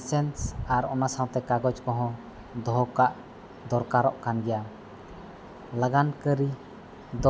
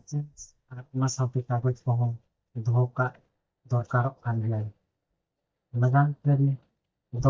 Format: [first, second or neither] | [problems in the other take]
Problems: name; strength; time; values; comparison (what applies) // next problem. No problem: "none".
first | noise reduction (neural mask model DeepFilterNet 3)